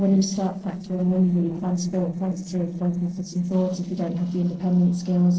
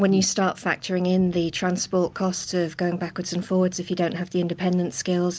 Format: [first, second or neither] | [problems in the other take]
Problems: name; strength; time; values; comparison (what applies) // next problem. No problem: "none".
second | noise reduction (neural separator model SepFormer DNS4)